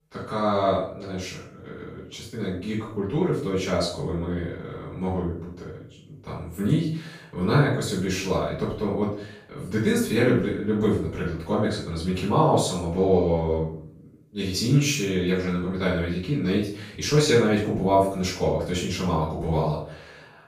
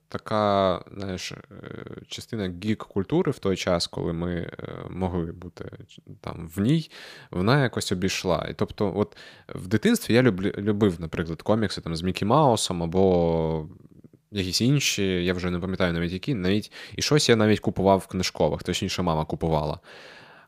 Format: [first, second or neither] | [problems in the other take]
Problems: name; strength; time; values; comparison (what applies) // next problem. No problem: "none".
second | off-mic speech; far // room echo; noticeable; dies away in 0.5 s